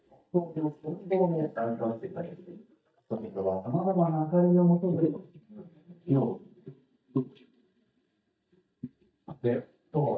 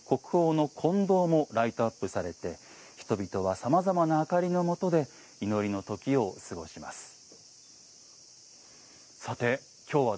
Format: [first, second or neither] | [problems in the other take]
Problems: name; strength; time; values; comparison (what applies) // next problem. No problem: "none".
second | noise reduction (neural mask model DeepFilterNet 3)